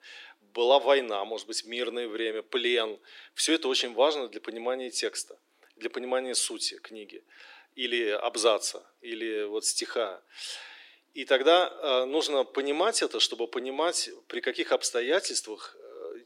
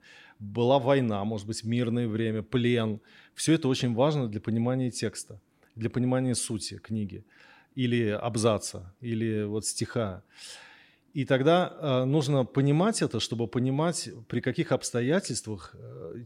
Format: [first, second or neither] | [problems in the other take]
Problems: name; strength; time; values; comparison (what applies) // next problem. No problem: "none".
second | thin; very; fading below 350 Hz